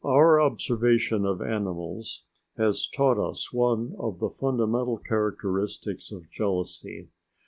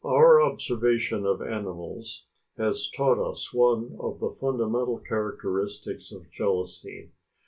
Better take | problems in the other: first | room echo; dies away in 0.2 s

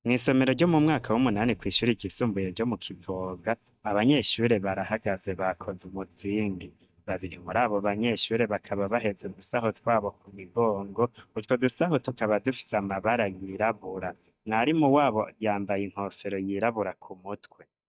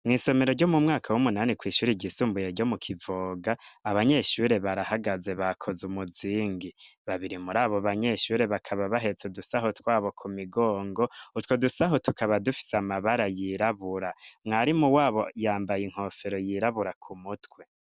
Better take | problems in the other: second | noise reduction (neural mask model DeepFilterNet 3)

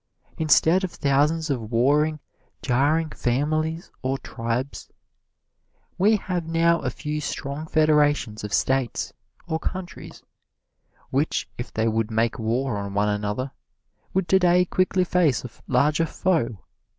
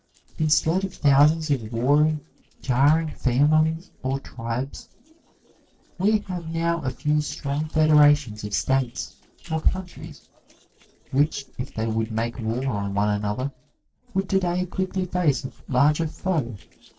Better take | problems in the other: first | noise reduction (neural separator model SepFormer DNS4)

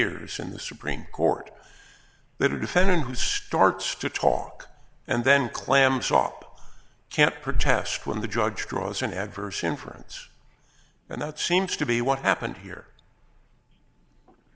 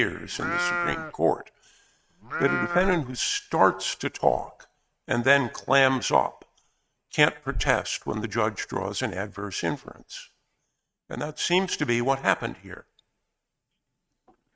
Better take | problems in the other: first | noise reduction (neural mask model RNNoise)

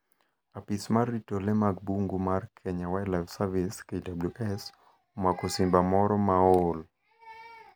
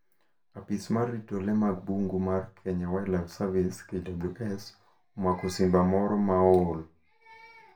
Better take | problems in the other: first | room echo; dies away in 0.2 s

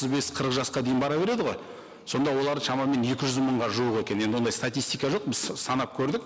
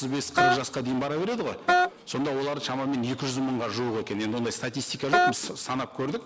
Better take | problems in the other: first | background sound (Wind instrument, woodwind instrument); 4 dB above the speech

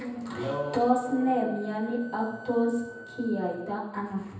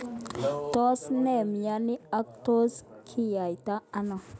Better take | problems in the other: second | background sound (Wind instrument, woodwind instrument); 19 dB below the speech // room echo; dies away in 0.9 s

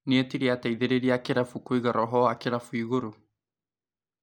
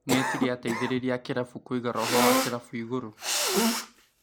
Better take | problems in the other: first | background sound (Cough); 2 dB above the speech

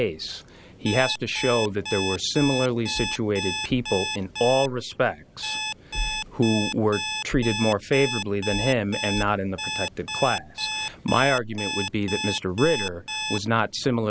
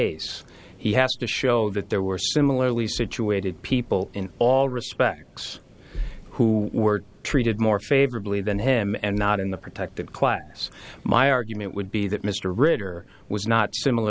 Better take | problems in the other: second | background sound (Alarm); 6 dB below the speech

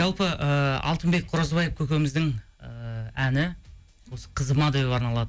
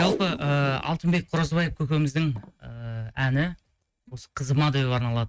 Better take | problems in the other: first | noise reduction (neural mask model RNNoise)

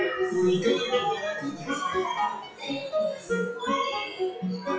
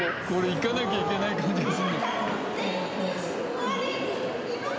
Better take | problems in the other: second | noise reduction (classical method WPE with log-MMSE)

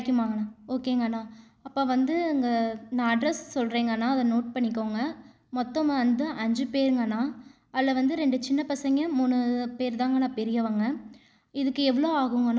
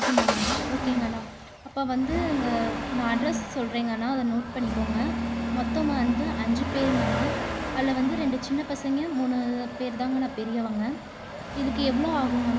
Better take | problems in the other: first | background sound (Engine starting / Accelerating, revving, vroom / Motor vehicle (road)); 2 dB below the speech

